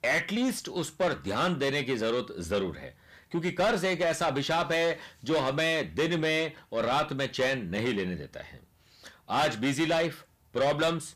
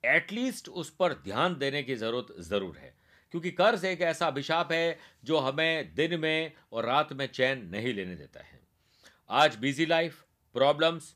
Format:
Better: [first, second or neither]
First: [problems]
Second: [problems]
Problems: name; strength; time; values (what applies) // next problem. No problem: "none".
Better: second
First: distortion; heavy; 6 dB below the speech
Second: none